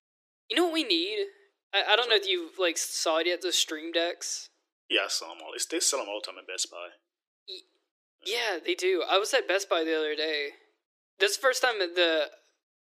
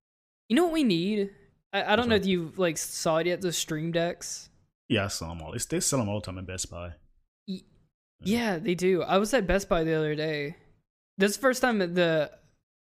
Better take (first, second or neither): second